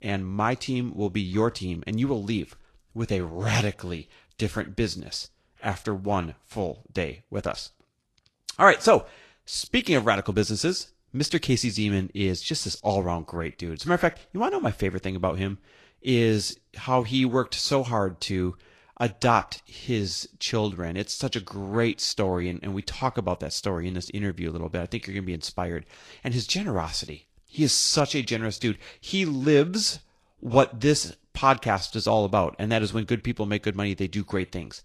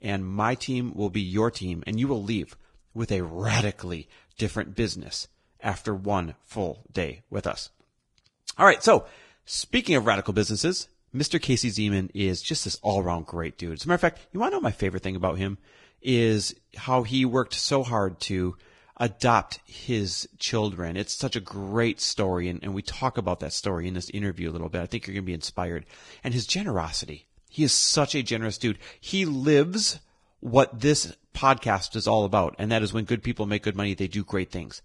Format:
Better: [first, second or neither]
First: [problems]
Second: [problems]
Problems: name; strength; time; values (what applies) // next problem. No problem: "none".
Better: first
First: garbled, watery; slightly; nothing above 12.5 kHz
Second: garbled, watery; badly